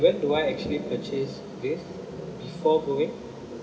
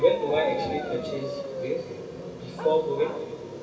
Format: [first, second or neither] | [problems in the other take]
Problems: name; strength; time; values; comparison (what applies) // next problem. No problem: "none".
first | background sound (Bark); 10 dB below the speech // room echo; dies away in 2.4 s